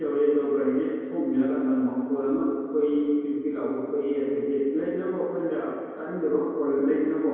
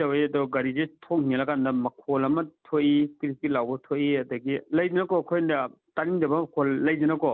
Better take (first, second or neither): second